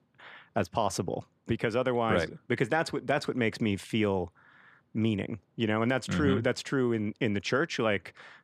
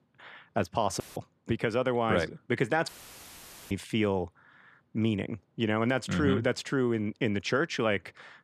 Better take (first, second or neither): first